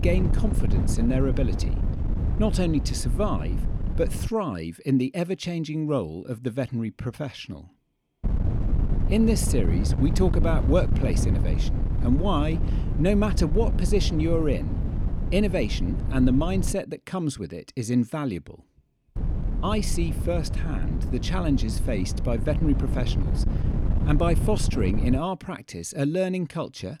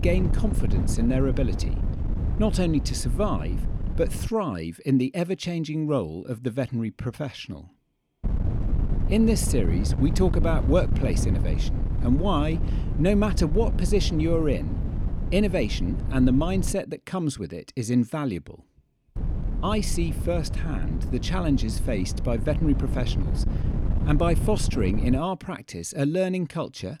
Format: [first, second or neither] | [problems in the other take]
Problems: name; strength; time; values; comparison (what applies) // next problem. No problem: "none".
second | wind noise on the microphone; heavy; until 4.5 s, from 8 to 17 s and from 19 to 25 s; 9 dB below the speech; occasional gusts in the second